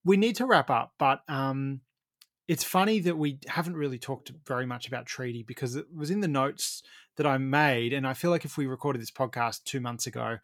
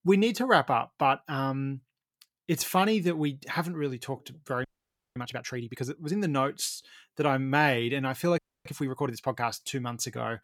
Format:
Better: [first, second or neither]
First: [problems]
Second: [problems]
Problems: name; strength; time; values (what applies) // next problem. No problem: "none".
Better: first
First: none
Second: audio freezing; at 4.5 s for 0.5 s and at 8.5 s